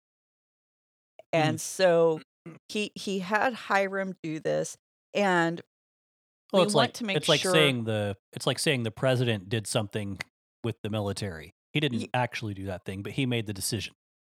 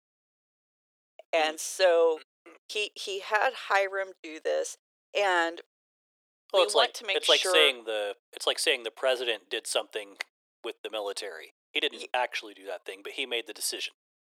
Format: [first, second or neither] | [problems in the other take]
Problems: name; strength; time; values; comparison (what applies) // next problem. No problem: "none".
first | thin; very; fading below 400 Hz